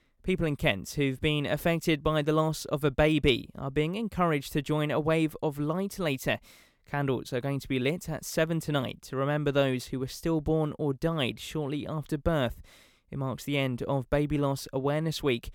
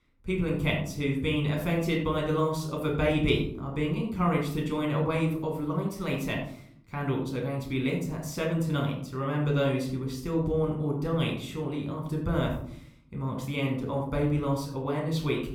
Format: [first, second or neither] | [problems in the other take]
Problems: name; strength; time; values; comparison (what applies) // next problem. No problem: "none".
first | off-mic speech; somewhat distant // room echo; slight; dies away in 0.6 s